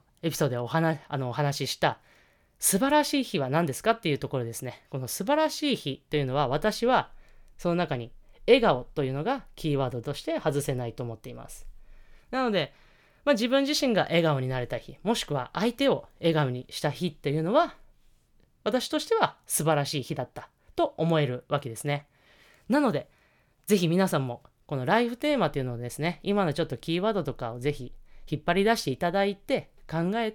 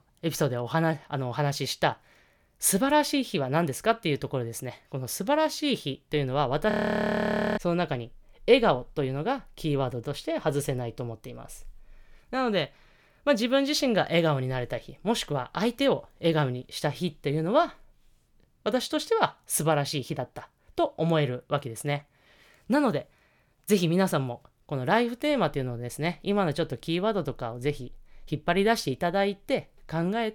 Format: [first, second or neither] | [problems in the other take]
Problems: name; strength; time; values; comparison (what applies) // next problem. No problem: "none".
first | audio freezing; at 6.5 s for 1 s